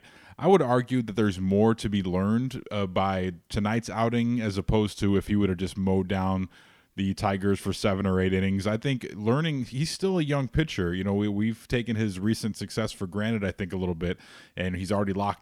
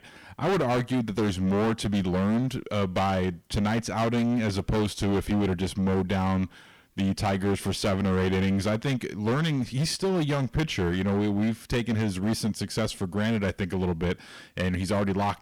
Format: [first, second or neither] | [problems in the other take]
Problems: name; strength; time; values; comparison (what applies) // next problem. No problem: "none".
first | distortion; heavy; 20% of the sound clipped